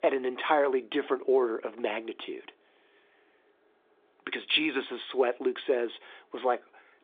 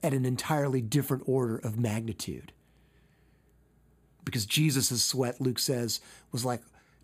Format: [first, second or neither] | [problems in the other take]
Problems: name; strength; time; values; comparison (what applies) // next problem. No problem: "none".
second | phone-call audio; nothing above 3.5 kHz